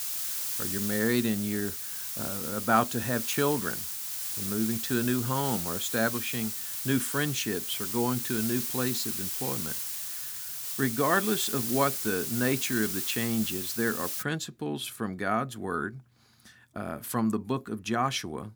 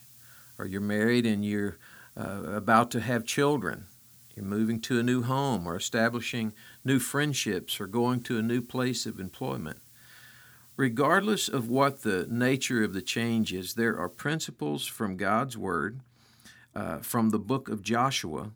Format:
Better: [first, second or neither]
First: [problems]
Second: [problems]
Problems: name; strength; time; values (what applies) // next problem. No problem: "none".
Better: second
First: hiss; loud; until 14 s; 1 dB below the speech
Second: hiss; faint; until 14 s; 25 dB below the speech